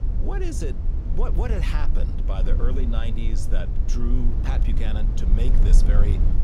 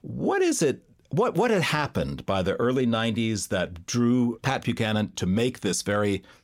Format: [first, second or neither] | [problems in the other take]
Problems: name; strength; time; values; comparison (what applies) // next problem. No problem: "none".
second | low rumble; loud; throughout; 5 dB below the speech